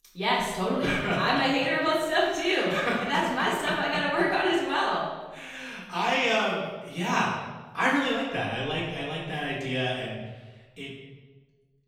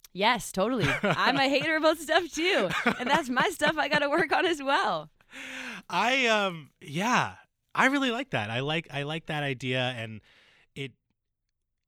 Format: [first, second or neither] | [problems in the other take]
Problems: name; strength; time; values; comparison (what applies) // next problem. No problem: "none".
second | off-mic speech; far // room echo; noticeable; dies away in 1 s